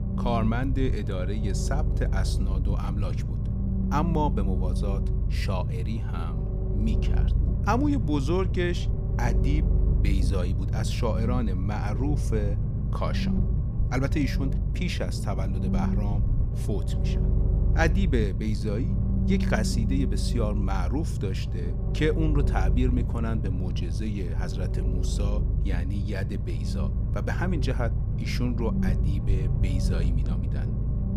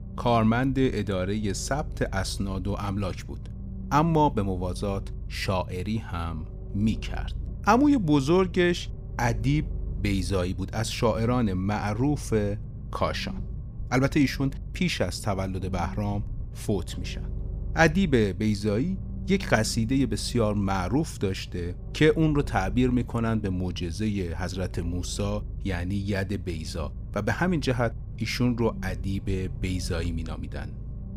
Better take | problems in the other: second | low rumble; loud; throughout; 6 dB below the speech; faint in the second

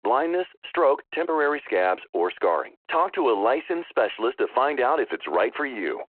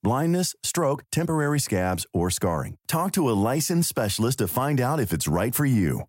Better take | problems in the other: second | phone-call audio

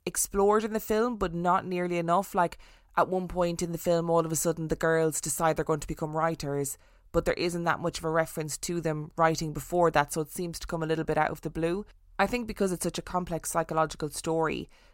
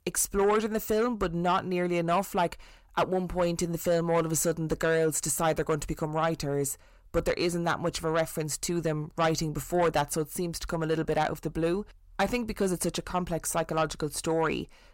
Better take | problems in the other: first | distortion; slight; 10 dB below the speech

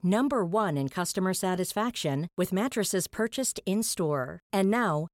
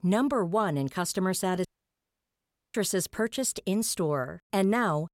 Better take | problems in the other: first | audio cutting out; at 1.5 s for 1 s

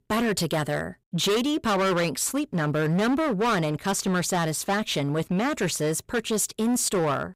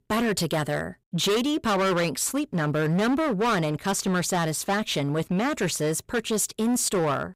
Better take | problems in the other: neither | distortion; heavy; 19% of the sound clipped; the same in both

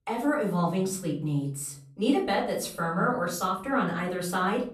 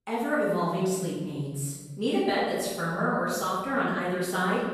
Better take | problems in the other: first | room echo; strong; dies away in 1.2 s; slight in the first // off-mic speech; far; far in the first

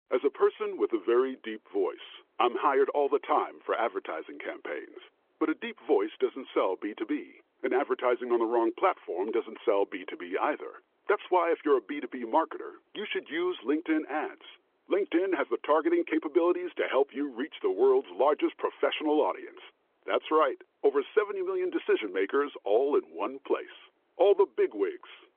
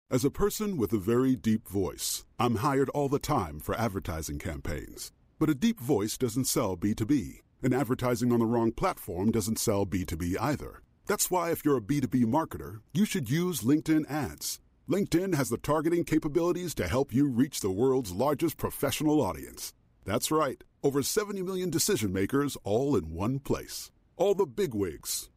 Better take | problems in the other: second | phone-call audio; nothing above 3.5 kHz

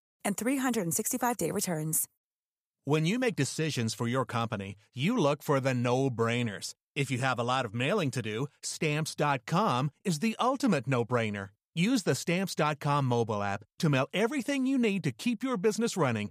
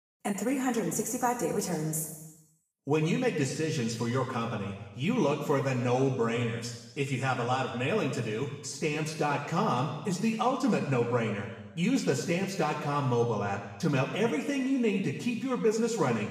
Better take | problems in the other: first | room echo; noticeable; dies away in 1.1 s // off-mic speech; far

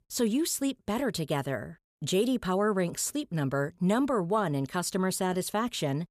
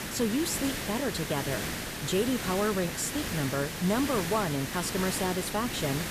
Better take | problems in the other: first | hiss; loud; throughout; 3 dB below the speech

